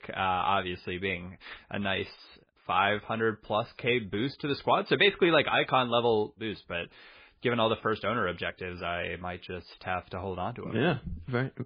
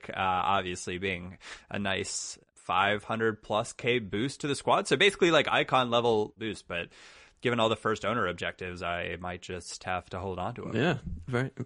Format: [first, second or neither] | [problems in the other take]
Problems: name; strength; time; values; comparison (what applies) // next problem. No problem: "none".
second | garbled, watery; badly; slightly in the second